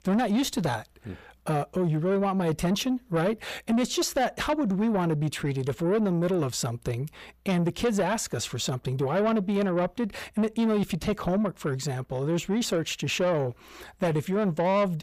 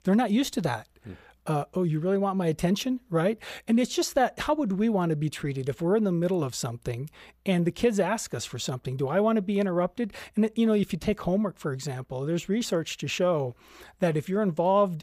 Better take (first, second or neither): second